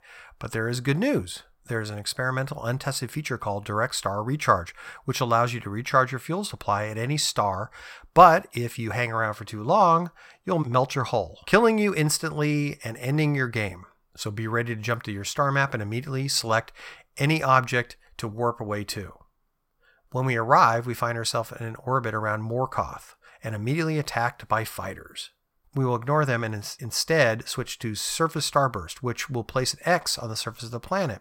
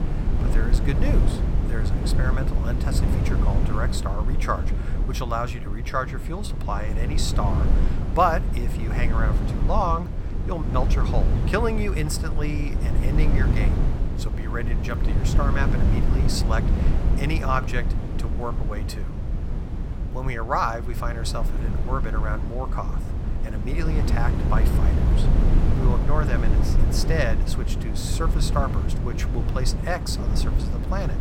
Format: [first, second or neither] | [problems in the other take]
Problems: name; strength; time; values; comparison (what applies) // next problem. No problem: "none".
first | wind noise on the microphone; heavy; 7 dB below the speech